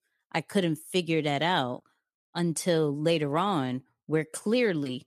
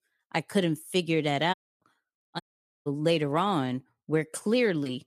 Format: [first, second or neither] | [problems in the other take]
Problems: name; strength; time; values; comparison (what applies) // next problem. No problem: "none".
first | audio cutting out; at 1.5 s and at 2.5 s